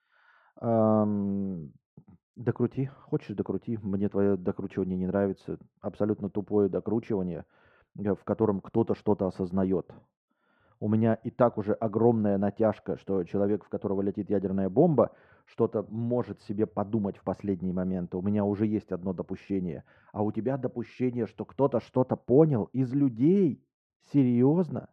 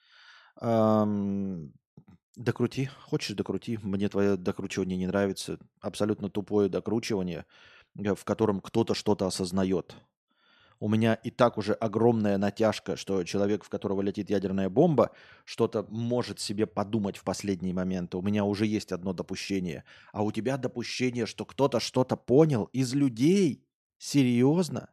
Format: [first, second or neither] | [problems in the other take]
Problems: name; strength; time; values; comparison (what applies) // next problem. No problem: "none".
second | muffled; very; fading above 2.5 kHz